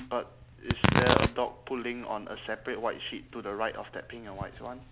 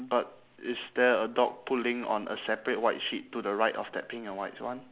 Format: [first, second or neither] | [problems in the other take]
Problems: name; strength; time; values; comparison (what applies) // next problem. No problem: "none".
second | background sound (Tearing); 2 dB above the speech